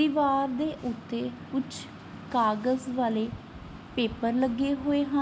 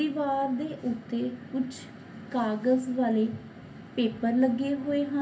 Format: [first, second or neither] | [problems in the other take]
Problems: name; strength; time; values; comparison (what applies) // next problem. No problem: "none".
first | room echo; dies away in 0.3 s